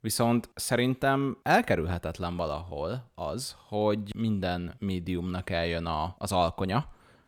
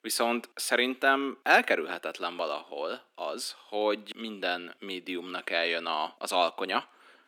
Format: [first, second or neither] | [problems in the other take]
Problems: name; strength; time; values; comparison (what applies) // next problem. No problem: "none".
first | thin; somewhat; fading below 250 Hz